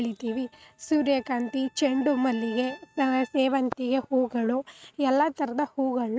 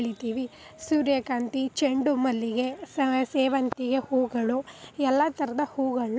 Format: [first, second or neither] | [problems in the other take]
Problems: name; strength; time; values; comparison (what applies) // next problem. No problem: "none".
second | noise reduction (neural mask model RNNoise)